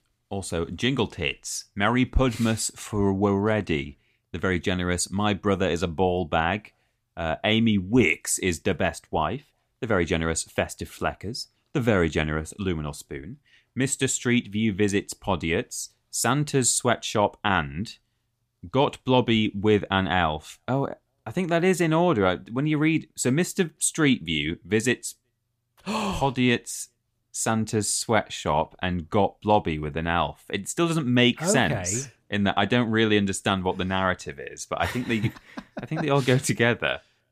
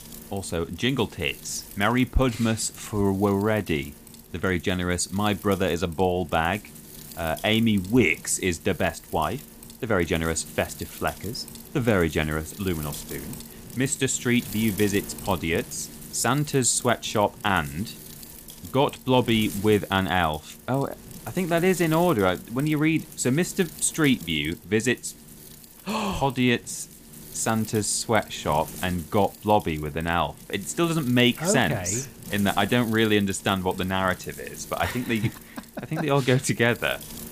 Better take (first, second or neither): first